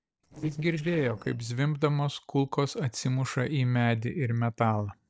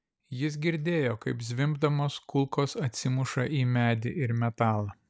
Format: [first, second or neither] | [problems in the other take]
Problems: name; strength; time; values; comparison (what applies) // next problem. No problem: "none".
second | noise reduction (neural separator model SepFormer DNS4)